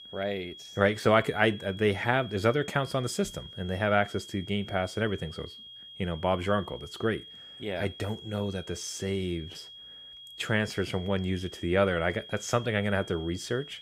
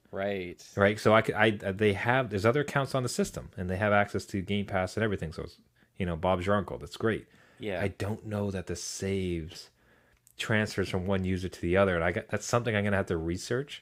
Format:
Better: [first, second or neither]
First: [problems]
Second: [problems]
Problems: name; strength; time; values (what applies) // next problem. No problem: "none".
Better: second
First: high-pitched whine; noticeable; throughout; 3.5 kHz, 15 dB below the speech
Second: none